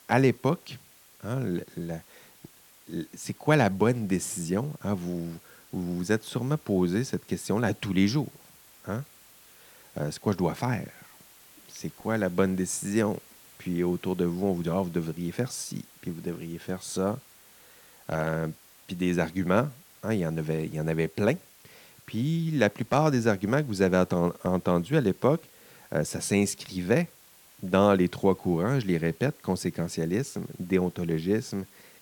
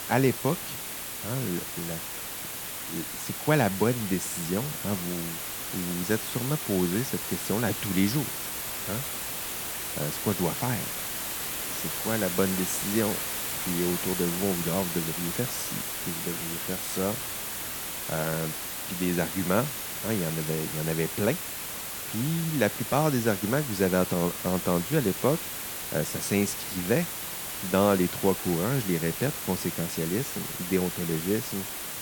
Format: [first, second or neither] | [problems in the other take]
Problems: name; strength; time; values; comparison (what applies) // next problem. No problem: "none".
first | hiss; loud; throughout; 2 dB below the speech; faint in the first